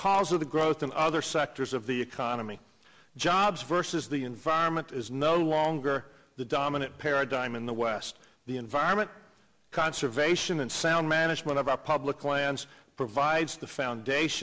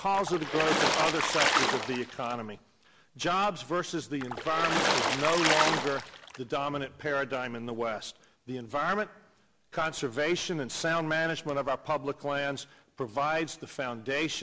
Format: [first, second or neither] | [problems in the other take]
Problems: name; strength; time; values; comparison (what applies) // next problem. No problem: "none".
first | background sound (Water / Splash, splatter); 2 dB above the speech